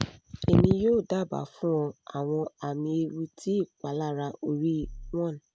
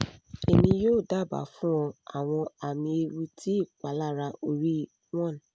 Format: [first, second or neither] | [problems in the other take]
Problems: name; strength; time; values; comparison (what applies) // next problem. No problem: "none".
second | background sound (Bass drum); 12 dB below the speech